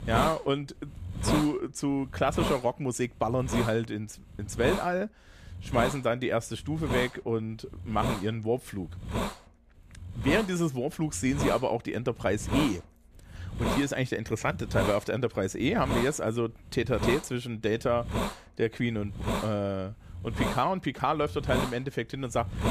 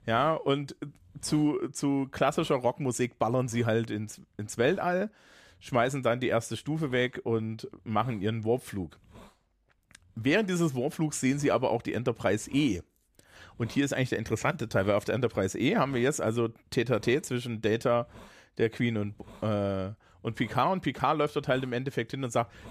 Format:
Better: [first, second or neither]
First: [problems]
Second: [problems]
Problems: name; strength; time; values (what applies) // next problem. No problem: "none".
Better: second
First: hiss; loud; throughout; 5 dB below the speech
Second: hiss; faint; throughout; 25 dB below the speech